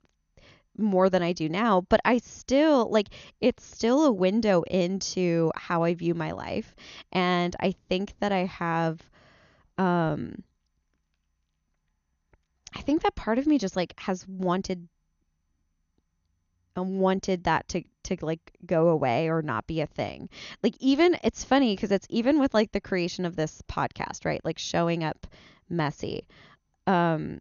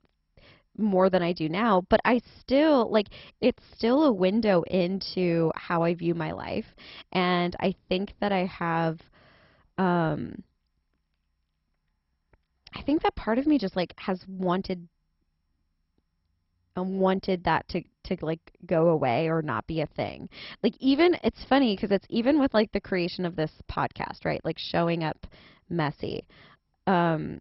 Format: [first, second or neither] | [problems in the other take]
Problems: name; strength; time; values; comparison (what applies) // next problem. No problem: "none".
first | garbled, watery; badly; nothing above 5.5 kHz; slightly in the first